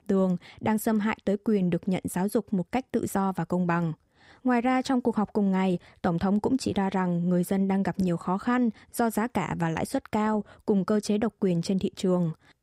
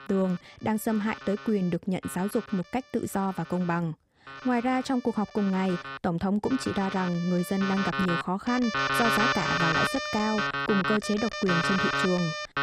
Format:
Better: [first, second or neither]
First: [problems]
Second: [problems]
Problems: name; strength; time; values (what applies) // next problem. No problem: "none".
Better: first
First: none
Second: alarms or sirens; loud; throughout; as loud as the speech